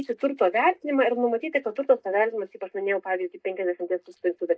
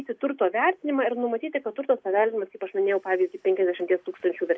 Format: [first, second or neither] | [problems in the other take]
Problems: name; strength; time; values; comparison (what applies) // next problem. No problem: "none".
second | noise reduction (neural mask model DeepFilterNet 3)